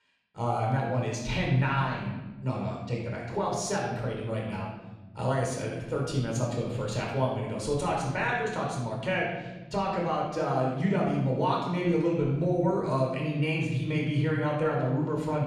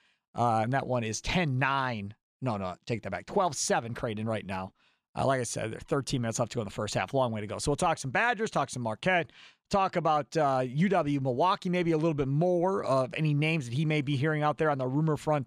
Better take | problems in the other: second | room echo; noticeable; dies away in 1.4 s // off-mic speech; far

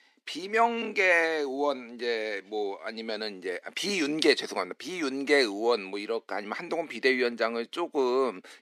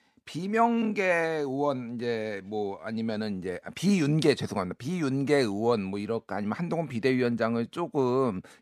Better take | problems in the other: second | thin; somewhat; fading below 300 Hz

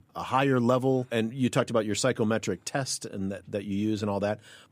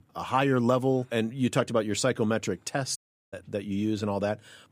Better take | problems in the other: first | audio cutting out; at 3 s

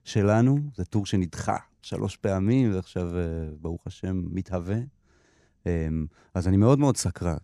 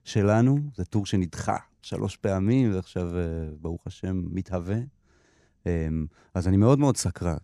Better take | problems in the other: neither | none

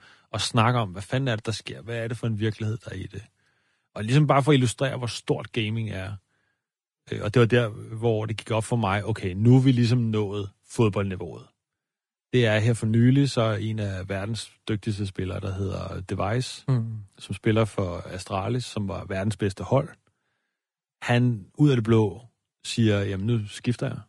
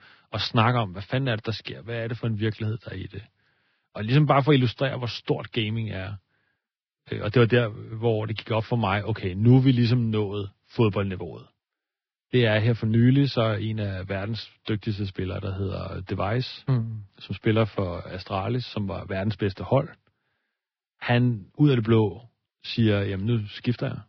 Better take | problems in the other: first | garbled, watery; badly; nothing above 5 kHz; slightly in the first

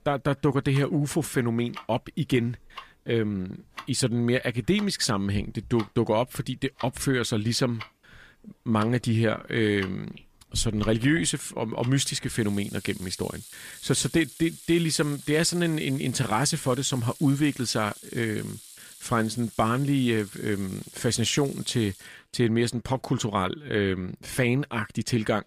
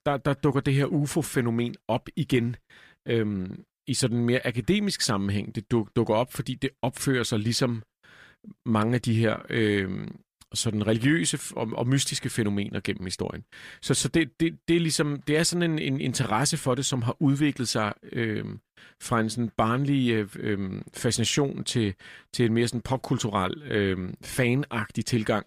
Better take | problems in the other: second | household noises; noticeable; throughout; 15 dB below the speech

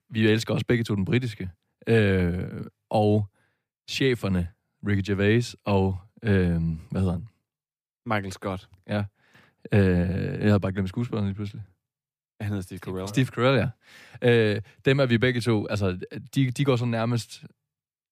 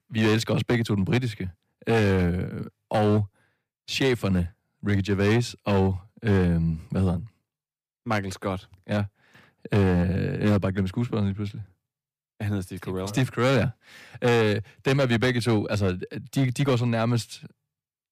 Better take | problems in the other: first | distortion; slight; 7% of the sound clipped

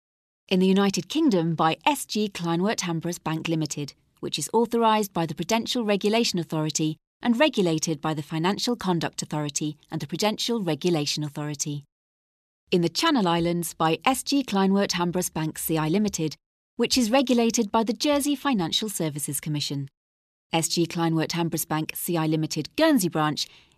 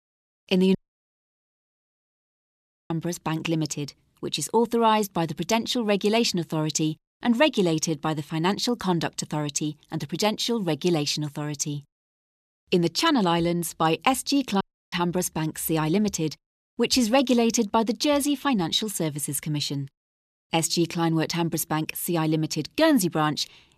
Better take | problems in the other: first | audio cutting out; at 1 s for 2 s and at 15 s

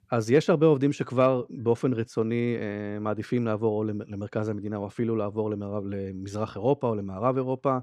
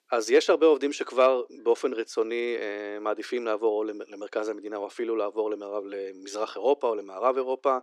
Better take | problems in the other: first | thin; somewhat; fading below 350 Hz

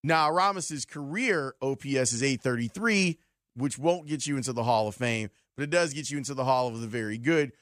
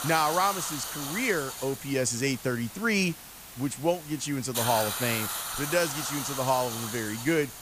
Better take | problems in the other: first | hiss; loud; throughout; 5 dB below the speech

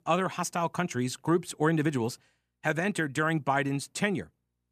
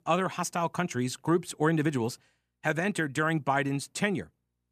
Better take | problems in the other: neither | none

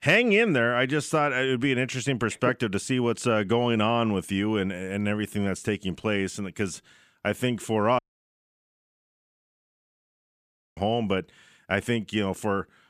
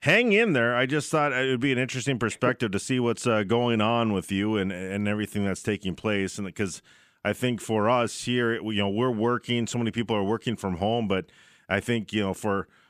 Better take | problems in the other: second | audio cutting out; at 8 s for 3 s

